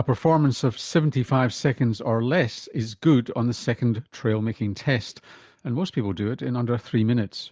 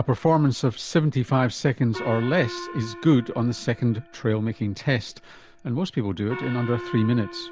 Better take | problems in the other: first | background sound (Gong); 16 dB below the speech

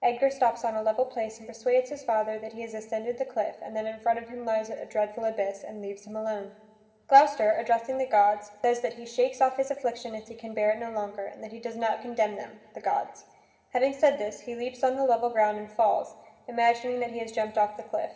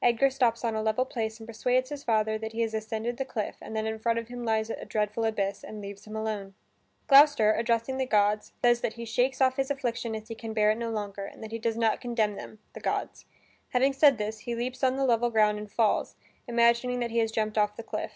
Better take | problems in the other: second | room echo; dies away in 2.3 s

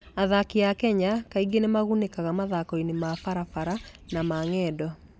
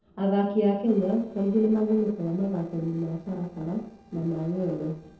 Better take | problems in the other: first | noise reduction (neural separator model SepFormer DNS4)

